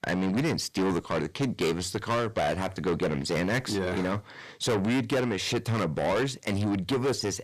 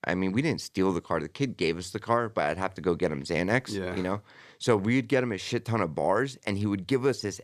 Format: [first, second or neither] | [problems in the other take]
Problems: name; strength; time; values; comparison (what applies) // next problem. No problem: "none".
second | distortion; heavy; 6 dB below the speech